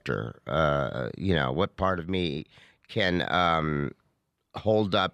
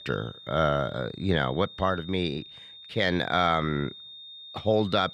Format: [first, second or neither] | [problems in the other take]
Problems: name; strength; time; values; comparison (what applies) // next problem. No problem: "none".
first | high-pitched whine; noticeable; throughout; 3.5 kHz, 15 dB below the speech